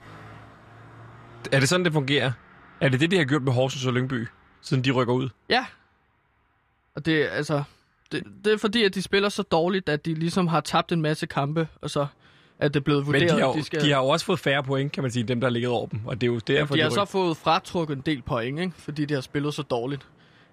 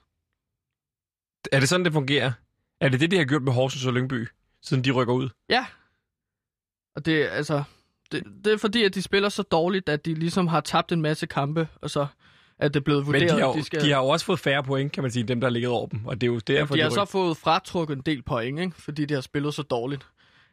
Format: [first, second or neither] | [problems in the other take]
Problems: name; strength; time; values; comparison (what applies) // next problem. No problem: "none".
second | traffic noise; faint; throughout; 30 dB below the speech